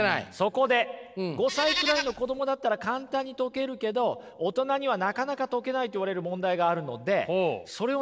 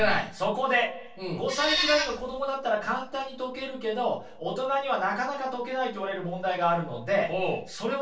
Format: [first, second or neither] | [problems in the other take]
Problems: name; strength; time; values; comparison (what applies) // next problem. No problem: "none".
first | room echo; dies away in 0.2 s